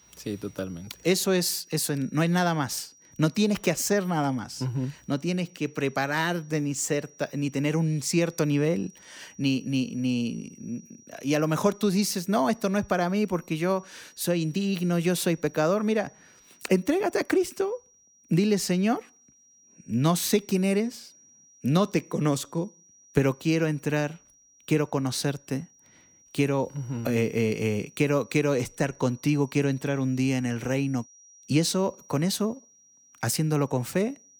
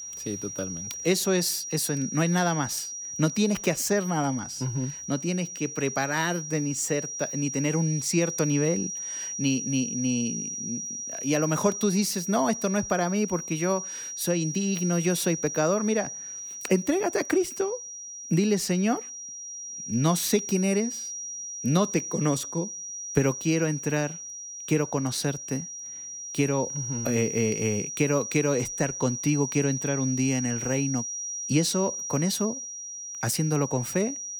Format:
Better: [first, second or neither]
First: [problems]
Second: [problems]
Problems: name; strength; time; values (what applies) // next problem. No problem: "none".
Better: first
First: high-pitched whine; faint; throughout; 5.5 kHz, 25 dB below the speech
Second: high-pitched whine; loud; throughout; 5.5 kHz, 6 dB below the speech